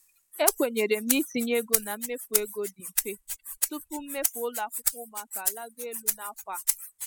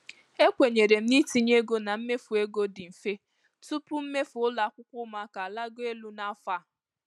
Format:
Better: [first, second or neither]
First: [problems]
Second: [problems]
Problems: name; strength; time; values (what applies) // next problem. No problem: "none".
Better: second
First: noise reduction (classical method spectral subtraction)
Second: none